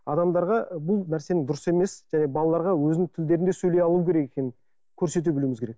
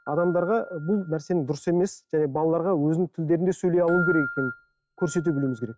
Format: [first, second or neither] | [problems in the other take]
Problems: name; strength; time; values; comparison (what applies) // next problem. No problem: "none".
first | noise reduction (neural mask model RNNoise)